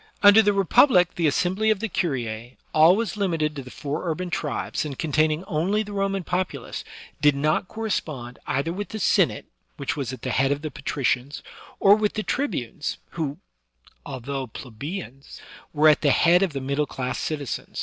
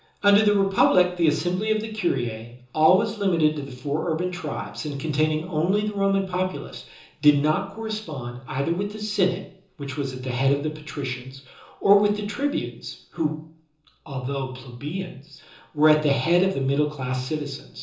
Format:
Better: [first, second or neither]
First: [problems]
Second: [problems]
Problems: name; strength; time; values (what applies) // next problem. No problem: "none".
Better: first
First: none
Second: room echo; dies away in 0.6 s